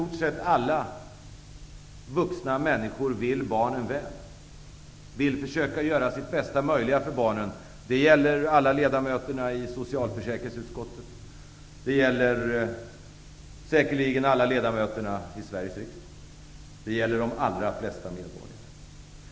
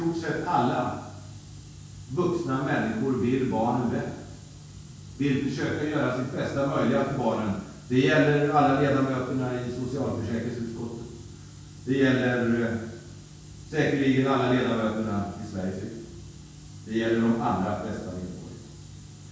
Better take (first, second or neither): first